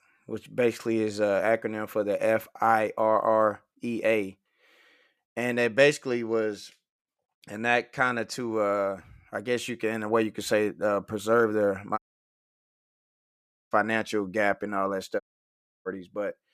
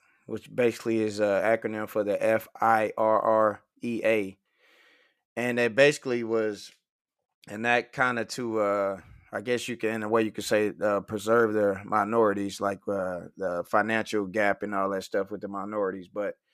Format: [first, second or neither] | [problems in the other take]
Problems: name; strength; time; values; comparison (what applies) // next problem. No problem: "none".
second | audio cutting out; at 12 s for 1.5 s and at 15 s for 0.5 s